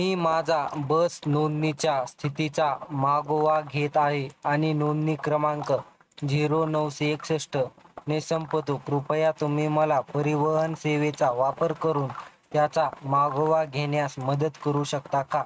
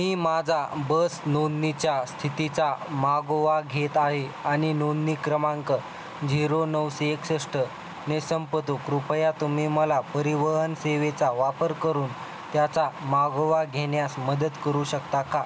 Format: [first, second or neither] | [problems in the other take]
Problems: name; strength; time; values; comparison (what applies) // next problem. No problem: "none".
second | noise reduction (neural mask model RNNoise)